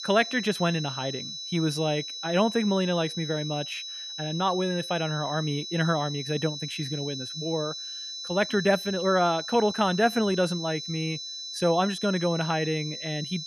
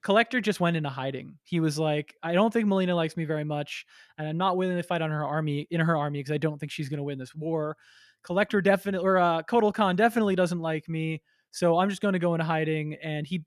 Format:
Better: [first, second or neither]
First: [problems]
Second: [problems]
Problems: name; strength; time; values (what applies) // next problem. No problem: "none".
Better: second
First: high-pitched whine; loud; throughout; 4 kHz, 7 dB below the speech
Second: none